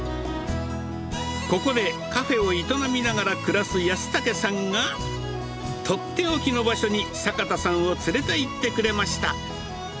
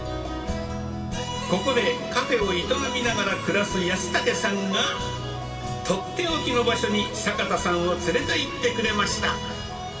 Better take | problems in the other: first | room echo; dies away in 2.5 s

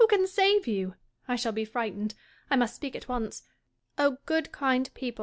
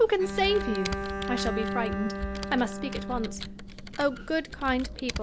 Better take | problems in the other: first | background sound (Computer keyboard + Bowed string instrument); 4 dB below the speech

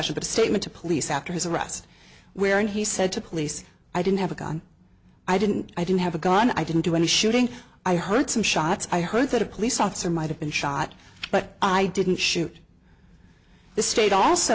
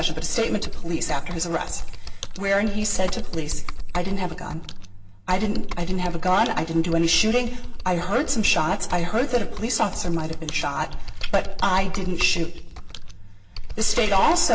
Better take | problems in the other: first | background sound (Computer keyboard); as loud as the speech // room echo; dies away in 0.8 s

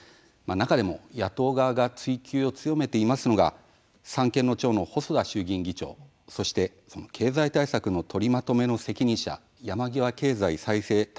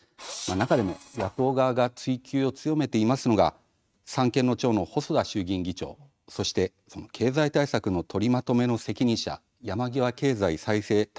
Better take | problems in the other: first | noise reduction (neural mask model RNNoise)

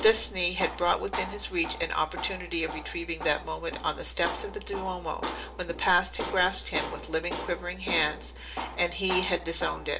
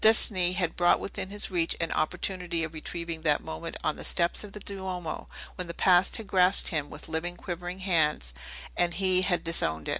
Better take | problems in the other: second | background sound (Tools); 9 dB below the speech // room echo; dies away in 0.4 s

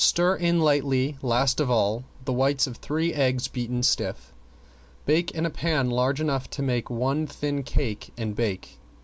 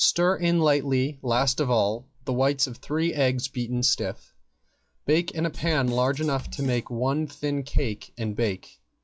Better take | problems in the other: first | noise reduction (classical method log-MMSE)

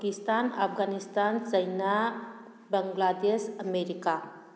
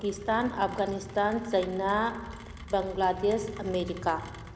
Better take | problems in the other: first | background sound (Rain); 14 dB below the speech

